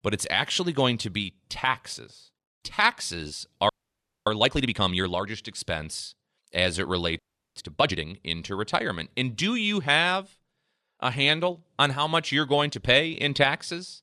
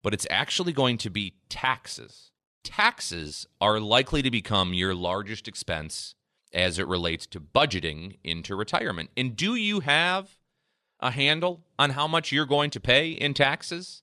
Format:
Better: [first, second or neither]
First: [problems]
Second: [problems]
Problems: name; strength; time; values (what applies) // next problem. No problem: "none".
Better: second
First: audio freezing; at 3.5 s for 0.5 s and at 7 s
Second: none